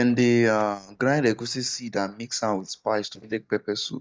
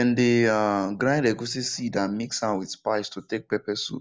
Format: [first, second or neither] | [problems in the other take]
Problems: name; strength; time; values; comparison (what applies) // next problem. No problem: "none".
second | noise reduction (neural mask model DeepFilterNet 3)